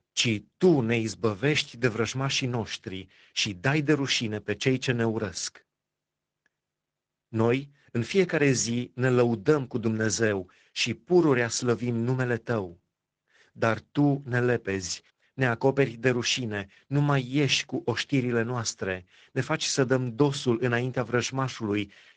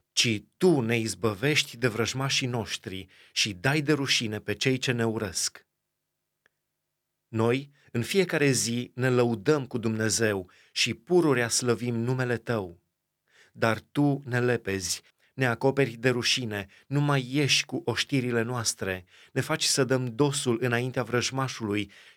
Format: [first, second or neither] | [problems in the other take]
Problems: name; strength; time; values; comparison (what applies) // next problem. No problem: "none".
second | garbled, watery; slightly